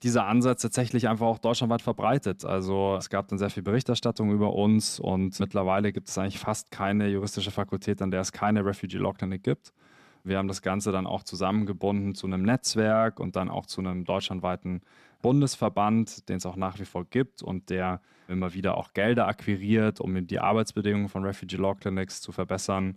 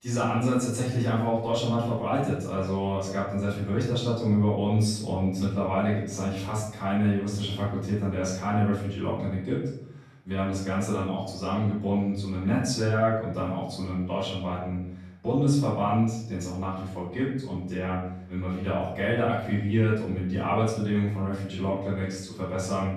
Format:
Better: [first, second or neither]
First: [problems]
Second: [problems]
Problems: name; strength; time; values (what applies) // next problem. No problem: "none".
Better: first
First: none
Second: room echo; noticeable; dies away in 0.6 s // off-mic speech; far